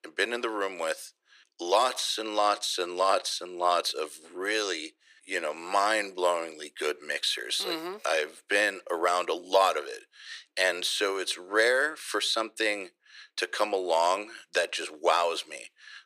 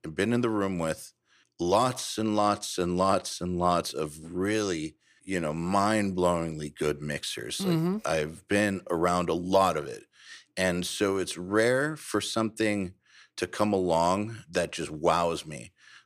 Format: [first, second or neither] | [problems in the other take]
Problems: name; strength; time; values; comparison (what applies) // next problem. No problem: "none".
second | thin; very; fading below 400 Hz